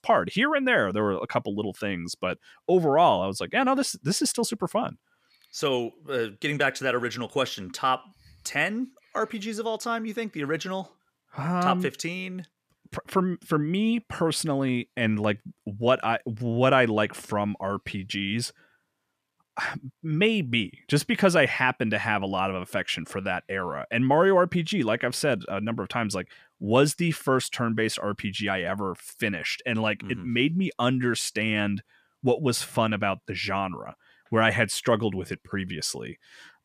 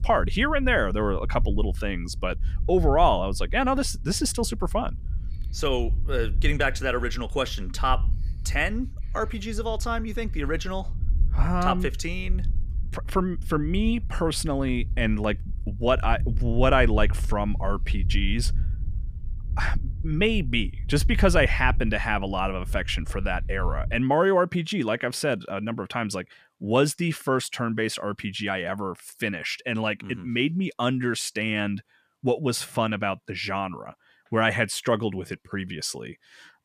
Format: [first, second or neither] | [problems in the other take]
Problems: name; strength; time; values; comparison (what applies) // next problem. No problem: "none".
first | low rumble; faint; until 24 s; 25 dB below the speech